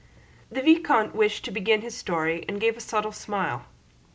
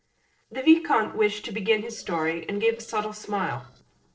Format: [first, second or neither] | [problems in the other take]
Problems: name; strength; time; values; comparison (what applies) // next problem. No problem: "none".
first | noise reduction (neural separator model SepFormer DNS4)